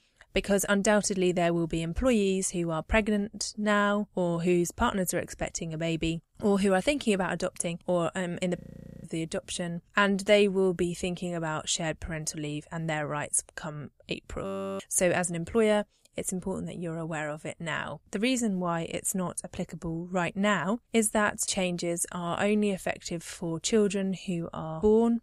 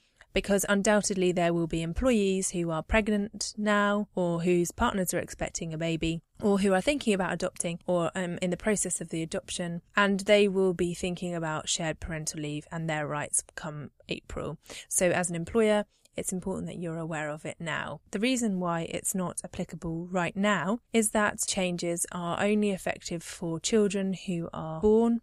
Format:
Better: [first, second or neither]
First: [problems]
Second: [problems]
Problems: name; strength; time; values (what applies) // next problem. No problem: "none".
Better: second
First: audio freezing; at 8.5 s and at 14 s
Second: none